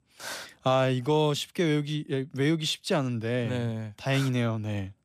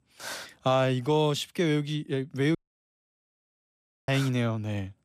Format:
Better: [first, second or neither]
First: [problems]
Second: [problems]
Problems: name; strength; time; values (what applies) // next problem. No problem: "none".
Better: first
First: none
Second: audio cutting out; at 2.5 s for 1.5 s